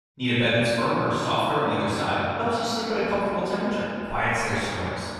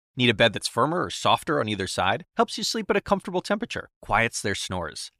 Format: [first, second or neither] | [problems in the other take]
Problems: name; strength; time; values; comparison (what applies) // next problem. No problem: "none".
second | off-mic speech; far // room echo; strong; dies away in 2.6 s